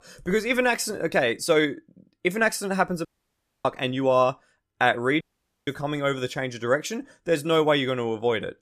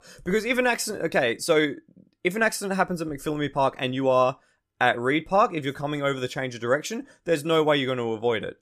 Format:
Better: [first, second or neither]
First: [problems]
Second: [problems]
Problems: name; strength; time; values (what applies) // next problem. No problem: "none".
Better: second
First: audio cutting out; at 3 s for 0.5 s and at 5 s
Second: none